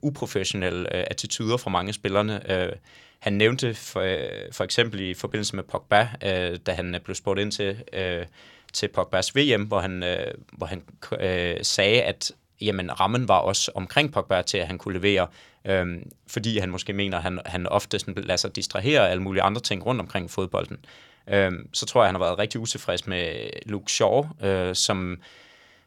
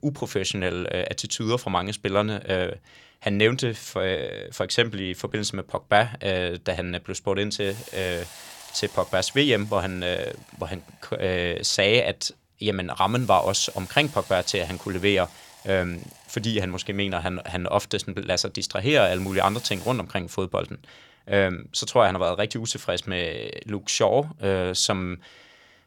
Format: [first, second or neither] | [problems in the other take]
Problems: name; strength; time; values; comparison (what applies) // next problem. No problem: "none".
first | hiss; noticeable; from 7.5 to 20 s; 20 dB below the speech